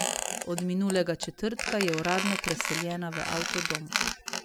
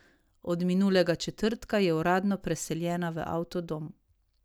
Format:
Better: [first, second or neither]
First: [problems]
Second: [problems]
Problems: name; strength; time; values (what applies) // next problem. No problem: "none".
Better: second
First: background sound (Squeak); 2 dB below the speech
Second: none